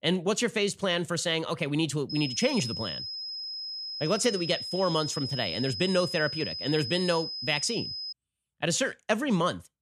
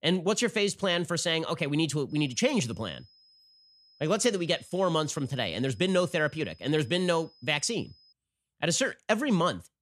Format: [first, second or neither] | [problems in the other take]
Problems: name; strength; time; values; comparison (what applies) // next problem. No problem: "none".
second | high-pitched whine; loud; from 2 to 8 s; 5 kHz, 5 dB below the speech; faint in the second